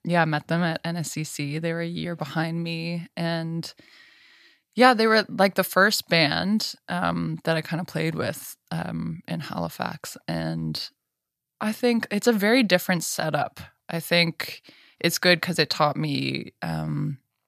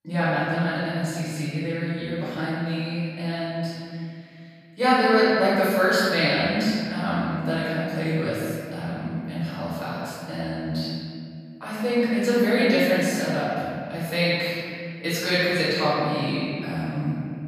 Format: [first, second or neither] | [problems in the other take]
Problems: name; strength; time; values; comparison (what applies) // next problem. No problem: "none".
first | off-mic speech; far // room echo; strong; dies away in 2.3 s